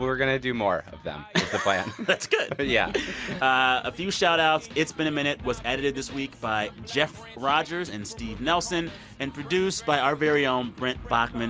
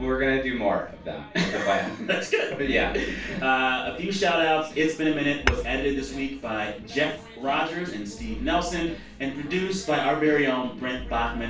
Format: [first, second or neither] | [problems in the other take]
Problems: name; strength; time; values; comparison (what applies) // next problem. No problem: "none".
first | background sound (Tap / Hammer / Glass); 9 dB below the speech // room echo; dies away in 0.3 s